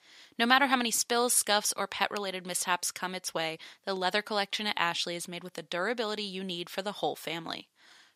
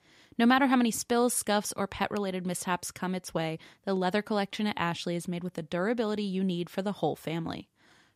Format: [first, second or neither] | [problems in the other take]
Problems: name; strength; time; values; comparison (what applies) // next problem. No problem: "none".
second | thin; somewhat; fading below 950 Hz